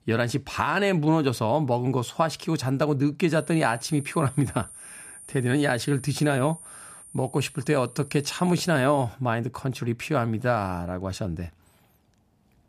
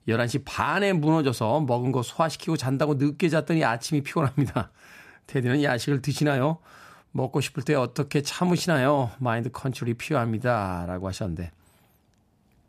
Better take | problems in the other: second | high-pitched whine; noticeable; from 3.5 to 9 s; 9 kHz, 15 dB below the speech

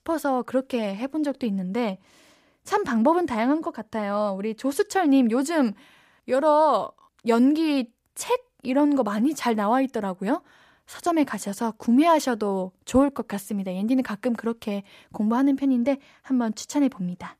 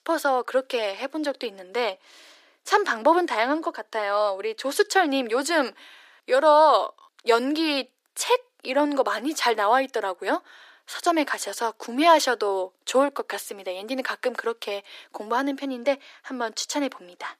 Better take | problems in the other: first | thin; somewhat; fading below 350 Hz

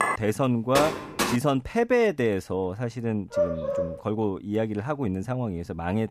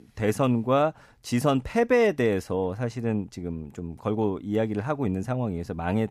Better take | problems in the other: second | clattering dishes; noticeable; at the start; peak level with the speech // door banging; noticeable; at 1 s; peak level with the speech // dog barking; loud; at 3.5 s; peak 1 dB above the speech

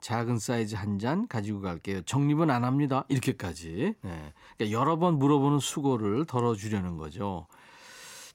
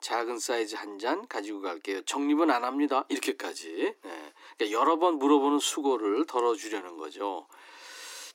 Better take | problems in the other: first | thin; somewhat; fading below 300 Hz

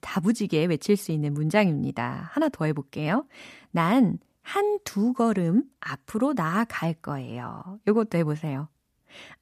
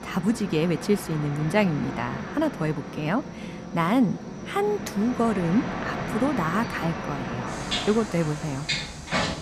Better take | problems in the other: first | train or aircraft noise; loud; throughout; 6 dB below the speech

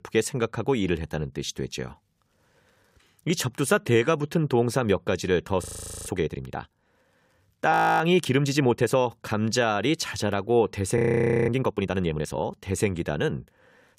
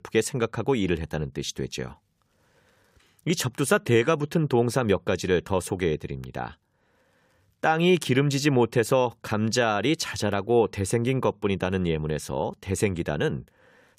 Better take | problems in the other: second | audio freezing; at 5.5 s, at 7.5 s and at 11 s for 0.5 s

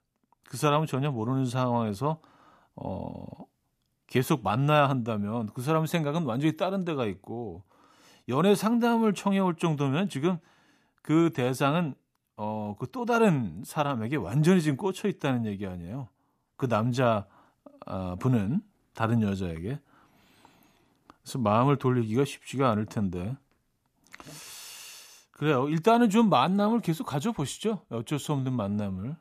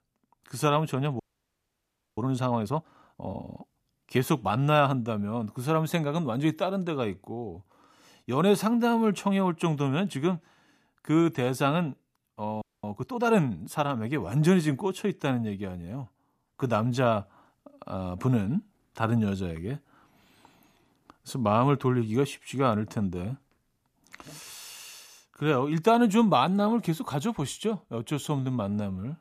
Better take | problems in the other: first | audio freezing; at 1 s for 1 s and at 13 s

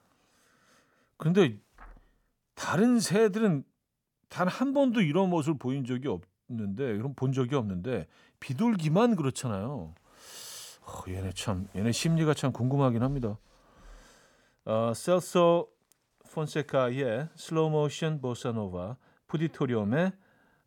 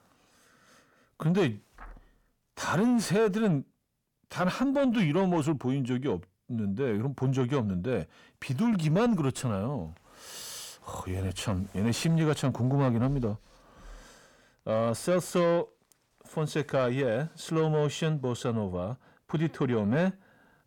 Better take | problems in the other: first | distortion; slight; 10 dB below the speech

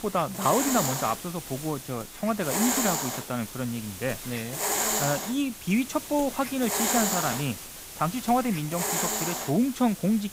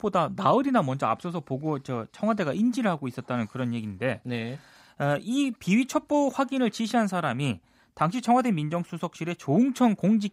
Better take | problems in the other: second | hiss; loud; throughout; 1 dB below the speech

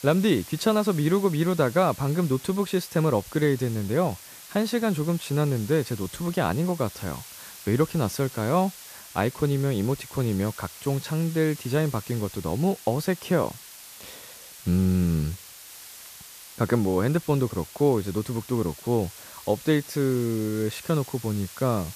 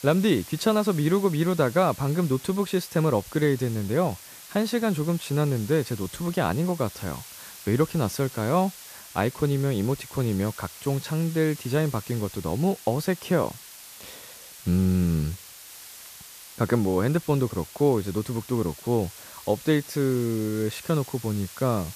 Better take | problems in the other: neither | hiss; noticeable; throughout; 15 dB below the speech; the same in both

